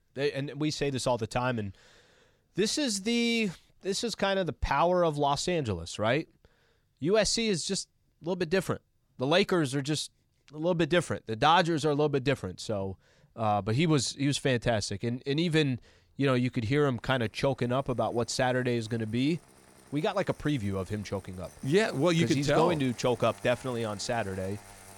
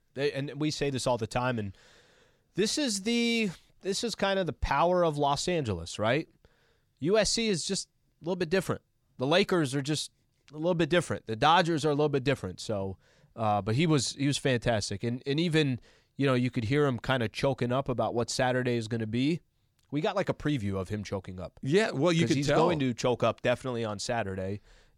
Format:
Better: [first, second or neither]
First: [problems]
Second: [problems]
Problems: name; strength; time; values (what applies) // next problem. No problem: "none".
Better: second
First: traffic noise; faint; throughout; 25 dB below the speech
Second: none